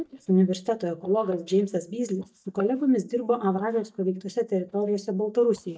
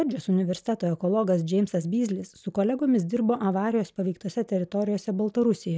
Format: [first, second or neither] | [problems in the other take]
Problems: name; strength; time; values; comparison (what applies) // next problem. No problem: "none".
second | noise reduction (neural mask model DeepFilterNet 3)